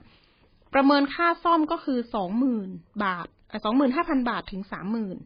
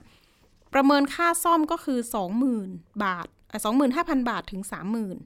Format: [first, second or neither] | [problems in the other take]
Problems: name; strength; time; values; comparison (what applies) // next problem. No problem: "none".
second | garbled, watery; badly; nothing above 4.5 kHz